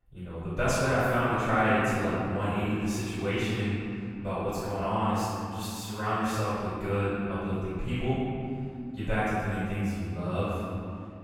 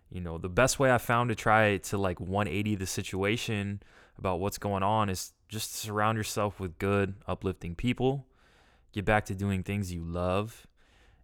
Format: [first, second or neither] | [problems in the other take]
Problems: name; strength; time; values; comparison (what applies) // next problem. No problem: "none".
second | off-mic speech; far // room echo; strong; dies away in 2.6 s